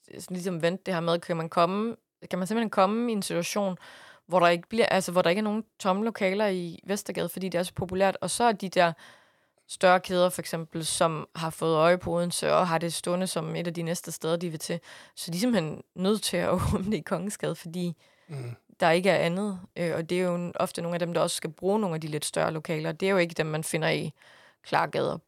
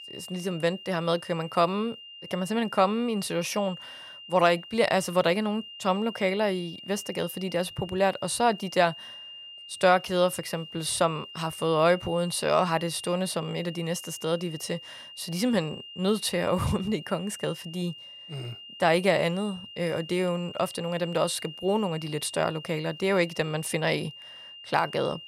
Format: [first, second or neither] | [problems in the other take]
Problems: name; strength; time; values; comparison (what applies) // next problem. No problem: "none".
first | high-pitched whine; noticeable; throughout; 3 kHz, 15 dB below the speech